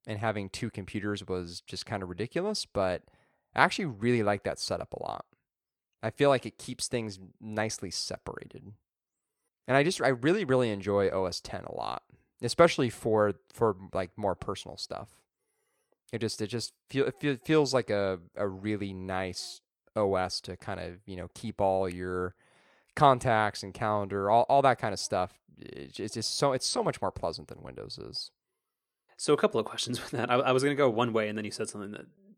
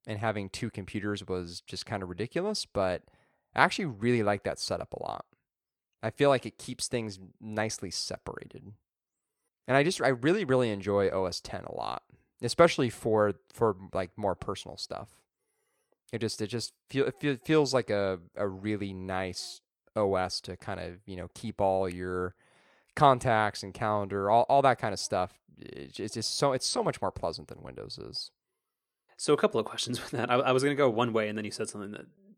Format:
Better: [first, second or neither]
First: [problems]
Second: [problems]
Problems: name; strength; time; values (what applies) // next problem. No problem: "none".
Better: neither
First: none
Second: none